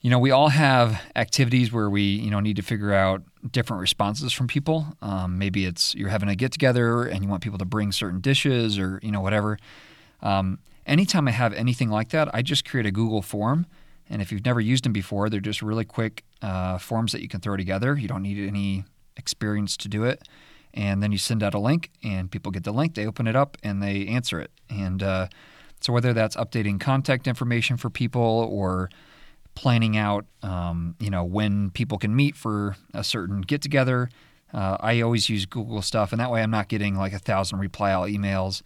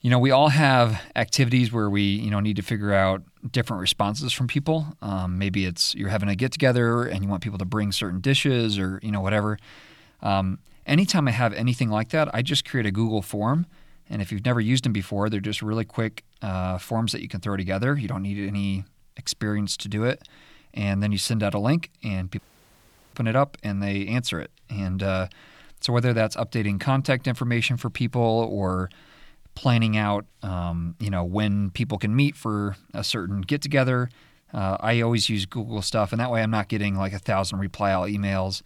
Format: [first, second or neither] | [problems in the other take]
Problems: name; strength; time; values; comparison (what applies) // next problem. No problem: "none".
first | audio cutting out; at 22 s for 1 s